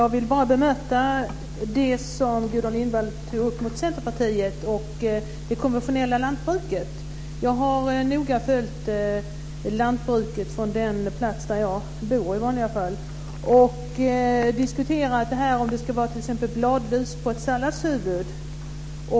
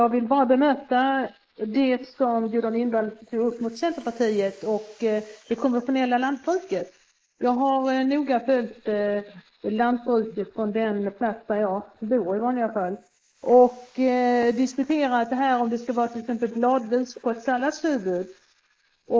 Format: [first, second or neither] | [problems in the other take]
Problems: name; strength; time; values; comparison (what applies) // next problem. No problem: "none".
first | noise reduction (neural mask model Resemble Enhance denoiser)